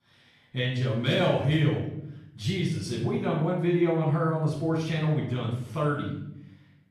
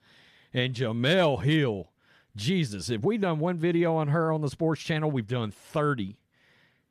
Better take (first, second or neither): second